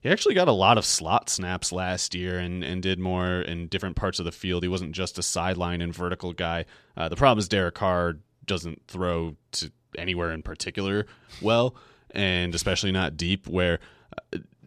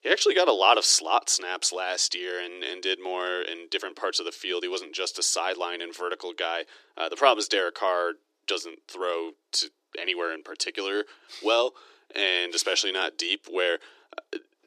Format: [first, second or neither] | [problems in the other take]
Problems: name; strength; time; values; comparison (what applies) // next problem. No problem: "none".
first | thin; very; fading below 300 Hz